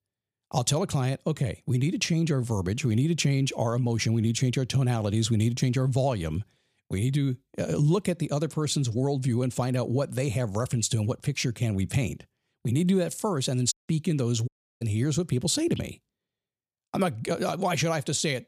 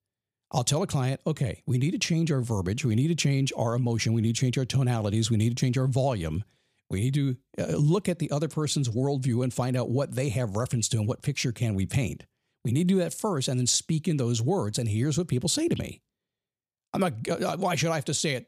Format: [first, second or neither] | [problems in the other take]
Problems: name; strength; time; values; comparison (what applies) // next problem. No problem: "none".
second | audio cutting out; at 14 s